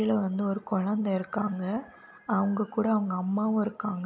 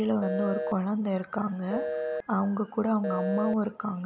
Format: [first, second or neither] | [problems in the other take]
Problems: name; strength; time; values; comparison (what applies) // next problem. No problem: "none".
first | background sound (Telephone); 5 dB below the speech